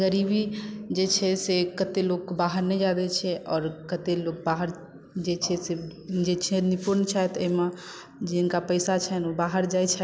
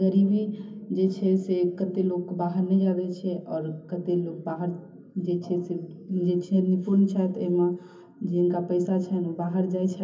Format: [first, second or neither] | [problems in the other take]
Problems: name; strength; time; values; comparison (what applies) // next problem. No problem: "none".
first | room echo; dies away in 0.3 s